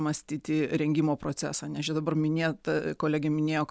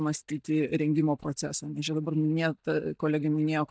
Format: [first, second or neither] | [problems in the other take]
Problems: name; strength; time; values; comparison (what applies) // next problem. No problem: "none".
first | noise reduction (neural mask model DeepFilterNet 3)